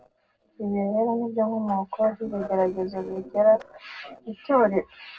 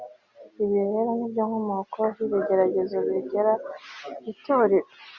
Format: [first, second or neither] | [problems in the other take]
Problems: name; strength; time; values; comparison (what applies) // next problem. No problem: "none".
second | noise reduction (neural separator model SepFormer DNS4)